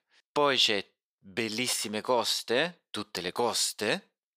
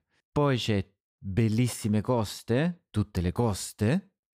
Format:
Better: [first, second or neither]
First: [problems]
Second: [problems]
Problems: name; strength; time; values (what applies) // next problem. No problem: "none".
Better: second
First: thin; very; fading below 500 Hz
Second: none